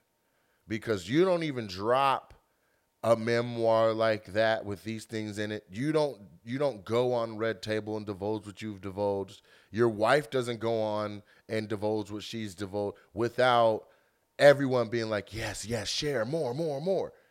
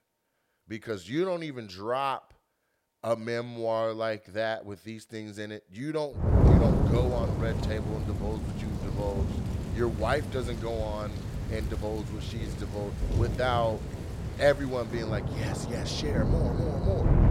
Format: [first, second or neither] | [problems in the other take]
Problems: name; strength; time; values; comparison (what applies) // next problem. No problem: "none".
first | rain or running water; very loud; from 6.5 s on; 3 dB above the speech